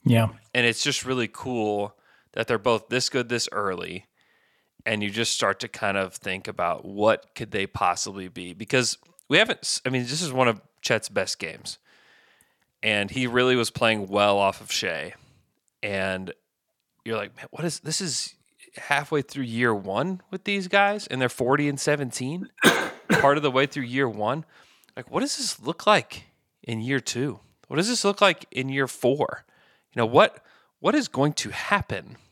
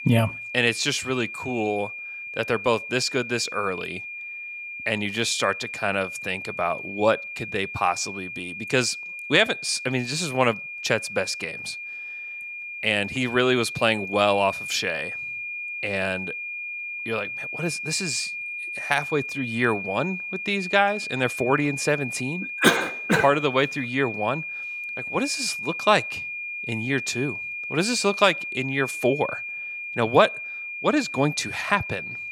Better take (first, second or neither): first